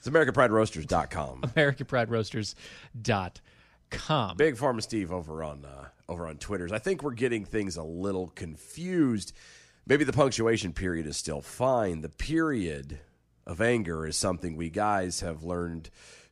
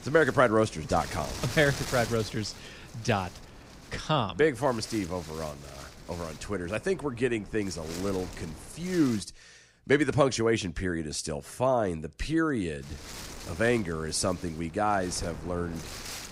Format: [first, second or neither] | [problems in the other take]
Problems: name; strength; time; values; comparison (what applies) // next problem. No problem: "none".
first | wind noise on the microphone; occasional gusts; until 9 s and from 13 s on; 15 dB below the speech